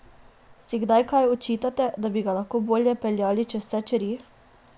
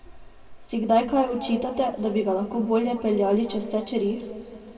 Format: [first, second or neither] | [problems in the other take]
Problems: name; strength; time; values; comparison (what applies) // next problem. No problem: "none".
first | room echo; dies away in 2.6 s